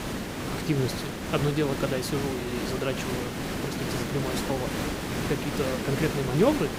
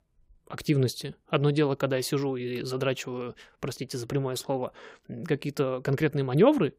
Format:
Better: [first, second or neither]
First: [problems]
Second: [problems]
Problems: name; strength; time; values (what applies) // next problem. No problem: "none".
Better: second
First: hiss; loud; throughout; 1 dB below the speech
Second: none